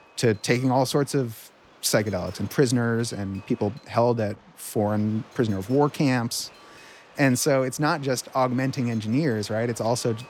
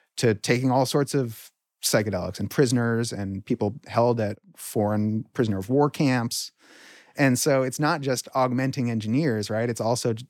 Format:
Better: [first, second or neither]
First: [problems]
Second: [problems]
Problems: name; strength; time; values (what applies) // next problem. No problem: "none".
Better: second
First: wind noise on the microphone; occasional gusts; 20 dB below the speech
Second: none